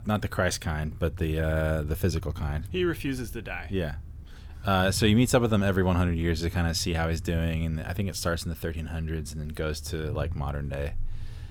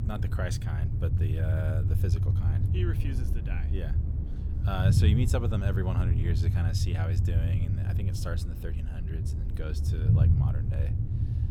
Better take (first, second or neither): first